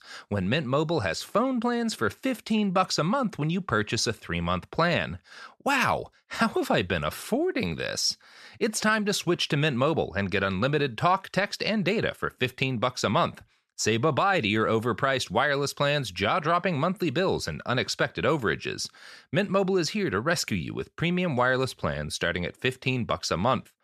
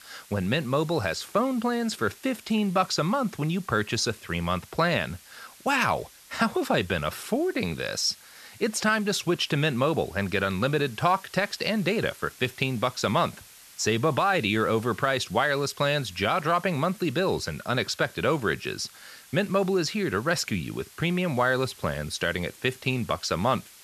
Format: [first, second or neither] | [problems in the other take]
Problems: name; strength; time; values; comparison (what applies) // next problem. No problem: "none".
first | hiss; faint; throughout; 20 dB below the speech